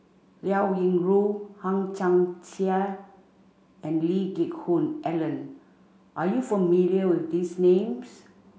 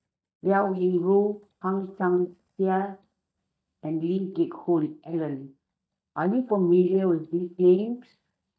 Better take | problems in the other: first | noise reduction (neural mask model DeepFilterNet 3)

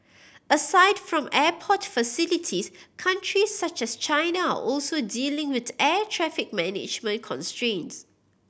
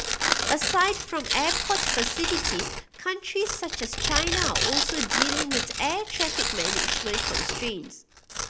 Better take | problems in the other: first | background sound (Tearing); 2 dB above the speech

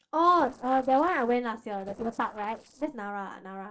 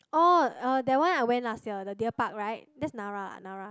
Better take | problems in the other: second | noise reduction (neural separator model SepFormer DNS4)

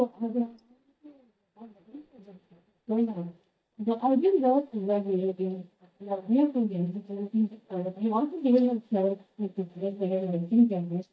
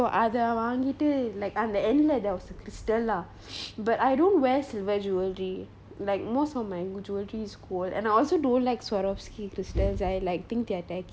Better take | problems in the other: second | noise reduction (neural mask model DeepFilterNet 3)

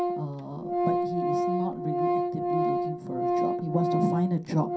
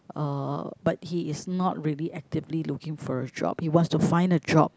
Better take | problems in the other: second | background sound (Organ); 3 dB above the speech // room echo; dies away in 0.3 s

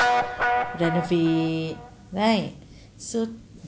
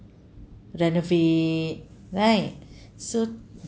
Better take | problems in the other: second | background sound (Guitar); 2 dB below the speech

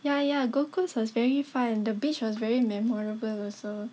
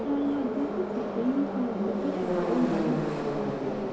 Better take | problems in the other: first | background sound (Subway, metro, underground); as loud as the speech // room echo; dies away in 0.3 s

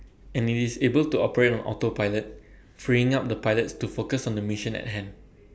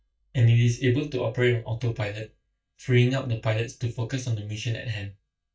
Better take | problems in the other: first | noise reduction (neural mask model DeepFilterNet 3)

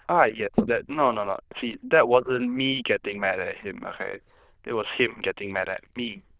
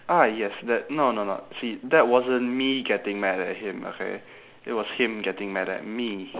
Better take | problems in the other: second | noise reduction (neural diffusion model UNIVERSE++)

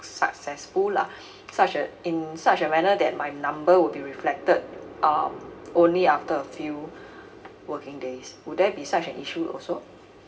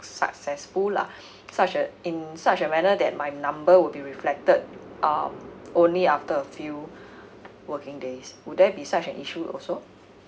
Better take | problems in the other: second | room echo; dies away in 2.3 s

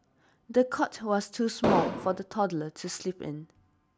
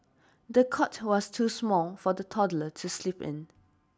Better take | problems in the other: second | background sound (Explosion); 2 dB above the speech

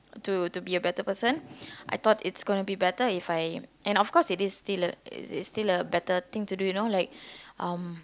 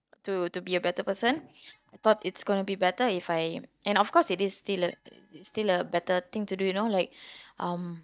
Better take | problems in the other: first | noise reduction (neural mask model DeepFilterNet 3)

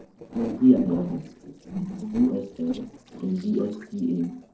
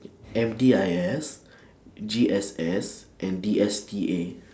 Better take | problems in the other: second | noise reduction (neural separator model SepFormer DNS4)

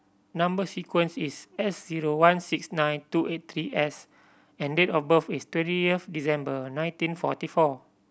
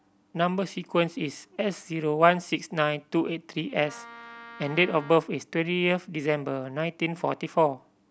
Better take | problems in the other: first | background sound (Wind instrument, woodwind instrument); 19 dB below the speech

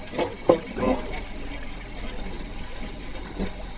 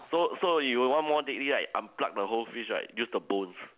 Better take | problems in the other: second | noise reduction (neural mask model DeepFilterNet 3)

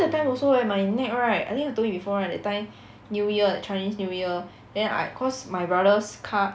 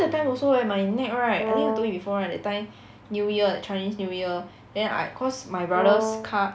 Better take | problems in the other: first | background sound (Brass instrument); 2 dB below the speech

